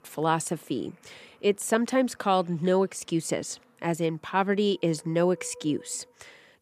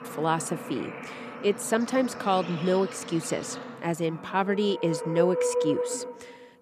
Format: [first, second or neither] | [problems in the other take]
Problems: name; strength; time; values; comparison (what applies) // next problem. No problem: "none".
first | animal sounds; loud; throughout; 6 dB below the speech; faint in the first